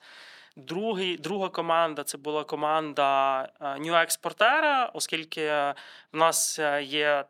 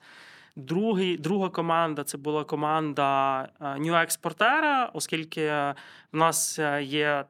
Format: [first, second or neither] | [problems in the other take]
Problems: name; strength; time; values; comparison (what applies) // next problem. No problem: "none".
second | thin; somewhat; fading below 450 Hz